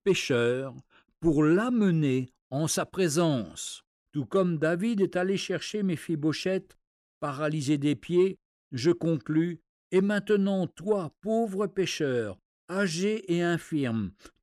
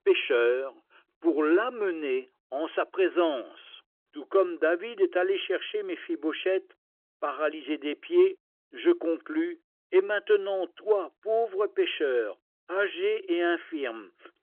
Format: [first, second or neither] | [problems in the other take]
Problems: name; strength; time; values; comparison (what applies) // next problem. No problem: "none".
first | phone-call audio; nothing above 3.5 kHz